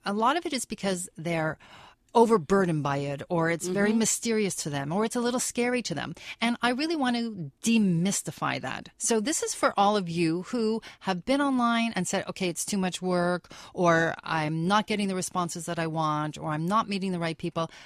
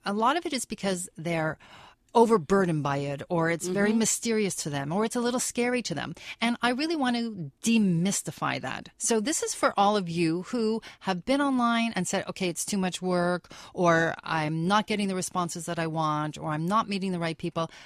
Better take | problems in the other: neither | none

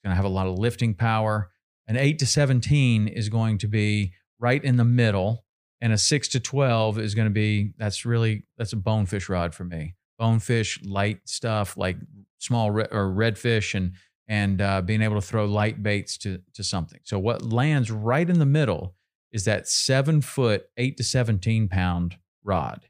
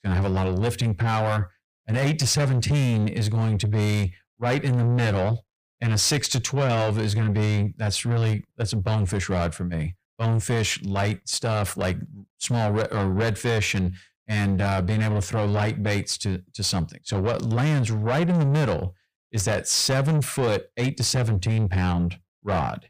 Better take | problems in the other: first | distortion; heavy; 8 dB below the speech

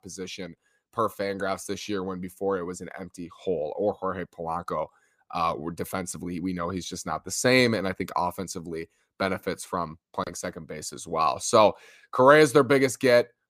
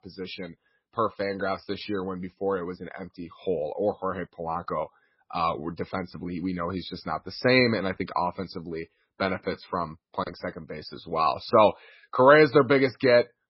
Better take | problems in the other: first | garbled, watery; badly; nothing above 5.5 kHz

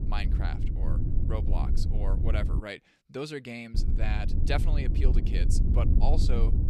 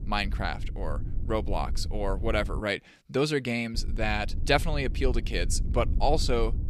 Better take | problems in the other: second | wind noise on the microphone; heavy; until 2.5 s and from 3.5 s on; 5 dB below the speech; occasional gusts in the second

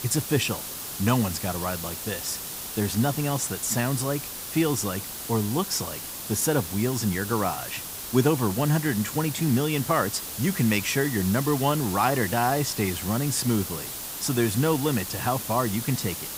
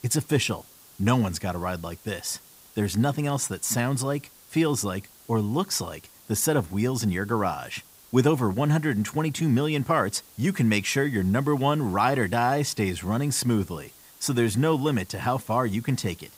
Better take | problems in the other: second | hiss; loud; throughout; 6 dB below the speech; faint in the second

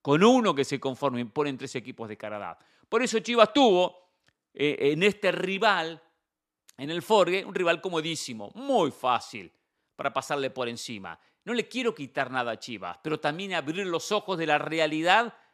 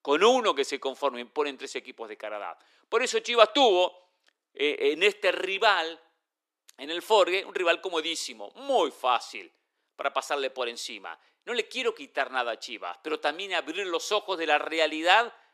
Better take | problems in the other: first | thin; somewhat; fading below 350 Hz

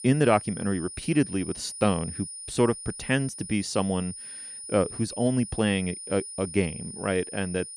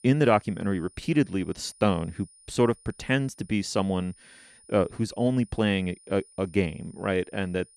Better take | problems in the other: second | high-pitched whine; loud; throughout; 9.5 kHz, 10 dB below the speech; faint in the second

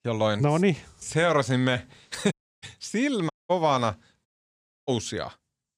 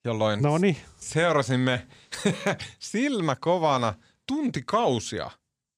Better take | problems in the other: second | audio cutting out; at 2.5 s, at 3.5 s and at 4.5 s for 0.5 s

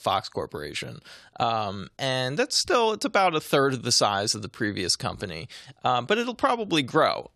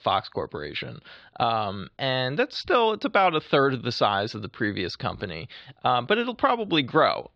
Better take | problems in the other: first | muffled; slightly; fading above 4 kHz

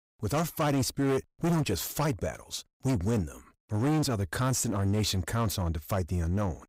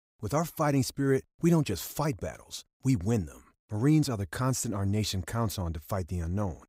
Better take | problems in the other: second | distortion; heavy; 14% of the sound clipped

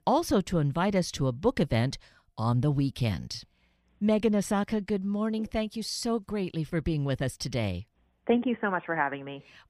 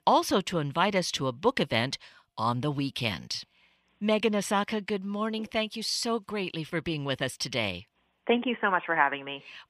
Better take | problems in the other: first | thin; very slightly; fading below 600 Hz

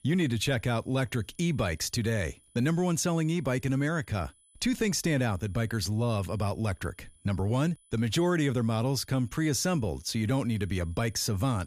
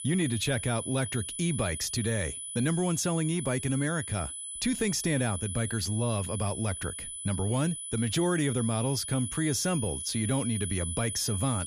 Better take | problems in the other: first | high-pitched whine; loud; throughout; 10 kHz, 5 dB below the speech; faint in the first

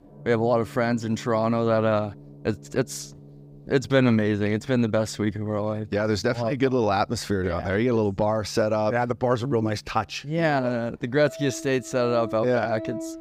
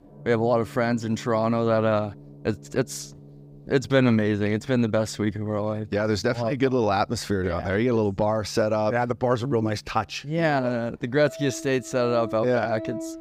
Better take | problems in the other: neither | background music; noticeable; throughout; 20 dB below the speech; the same in both

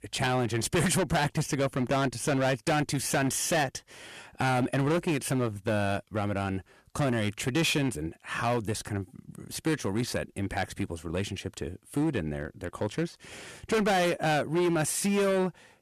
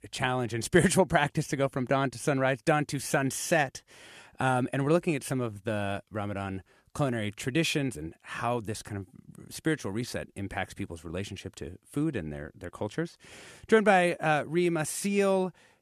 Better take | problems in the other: second | distortion; heavy; 12% of the sound clipped

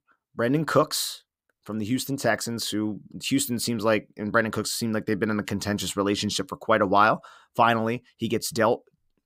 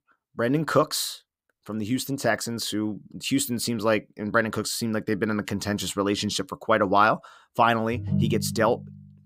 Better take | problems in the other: first | phone ringing; noticeable; at 8 s; peak 1 dB below the speech

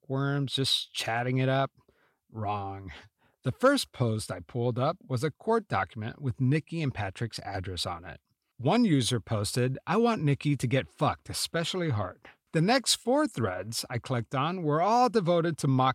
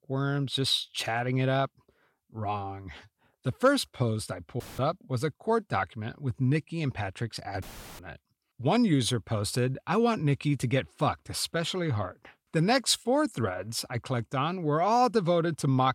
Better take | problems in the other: first | audio cutting out; filled with static; at 4.5 s and at 7.5 s

